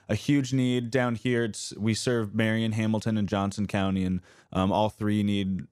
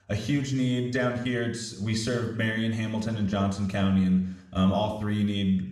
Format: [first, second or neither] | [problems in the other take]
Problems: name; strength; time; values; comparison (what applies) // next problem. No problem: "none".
first | room echo; slight; dies away in 0.7 s // off-mic speech; somewhat distant